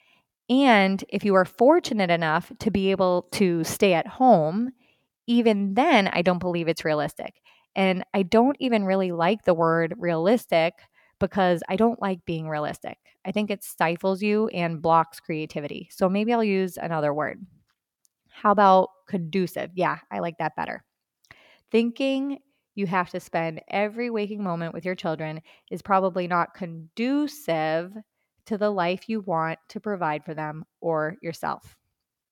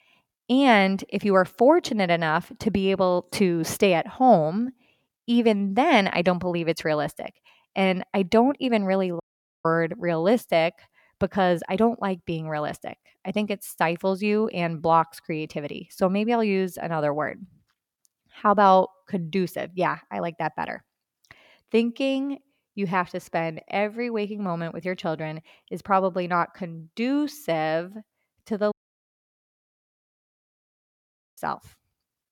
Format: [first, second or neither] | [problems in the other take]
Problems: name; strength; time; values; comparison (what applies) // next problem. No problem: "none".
first | audio cutting out; at 9 s and at 29 s for 2.5 s